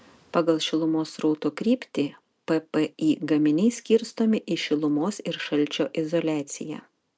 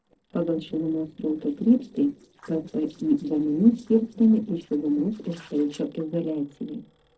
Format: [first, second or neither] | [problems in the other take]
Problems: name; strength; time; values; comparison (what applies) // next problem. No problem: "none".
first | noise reduction (neural separator model SepFormer DNS4)